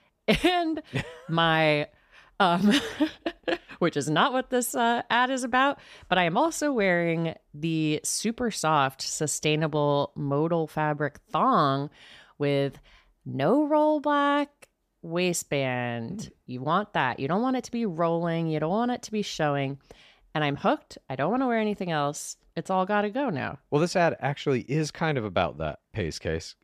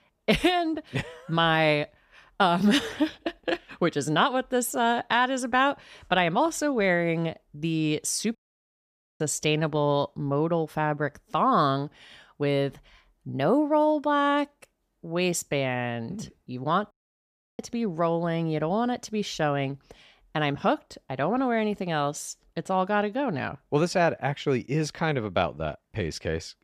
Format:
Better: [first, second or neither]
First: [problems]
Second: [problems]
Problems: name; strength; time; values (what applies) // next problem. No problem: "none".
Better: first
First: none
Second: audio cutting out; at 8.5 s for 1 s and at 17 s for 0.5 s